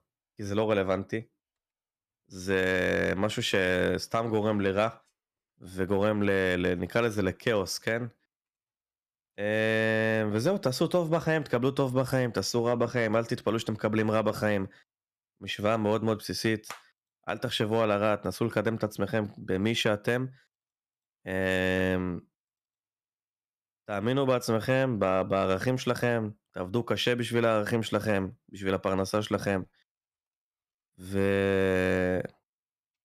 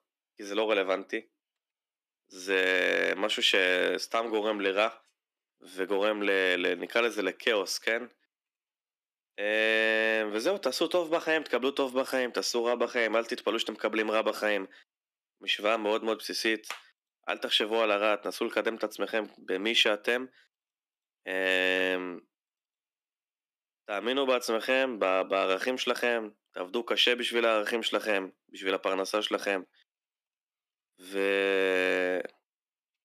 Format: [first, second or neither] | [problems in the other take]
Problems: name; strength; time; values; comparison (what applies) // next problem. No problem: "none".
first | thin; somewhat; fading below 250 Hz